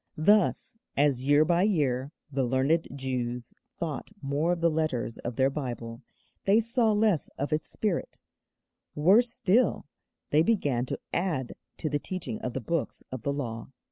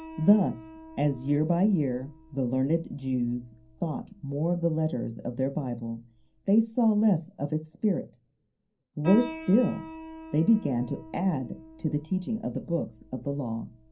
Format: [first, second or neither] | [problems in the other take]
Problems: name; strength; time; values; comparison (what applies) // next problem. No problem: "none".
first | background sound (Piano); 17 dB below the speech // room echo; dies away in 0.3 s